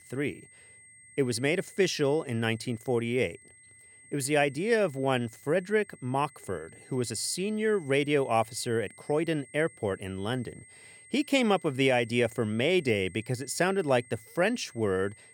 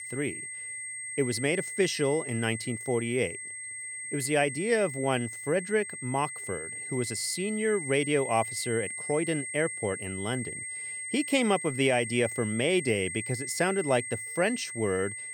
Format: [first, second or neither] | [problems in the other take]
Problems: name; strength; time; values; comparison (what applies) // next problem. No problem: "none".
first | high-pitched whine; loud; throughout; 2 kHz, 6 dB below the speech; faint in the first